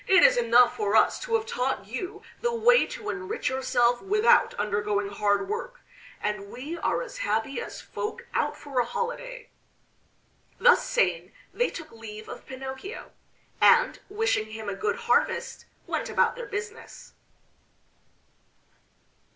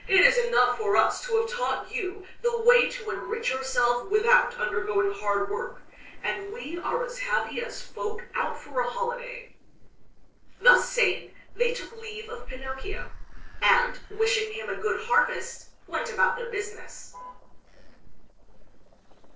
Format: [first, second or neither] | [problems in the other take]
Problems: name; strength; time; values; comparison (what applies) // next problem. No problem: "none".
first | noise reduction (neural separator model SepFormer DNS4)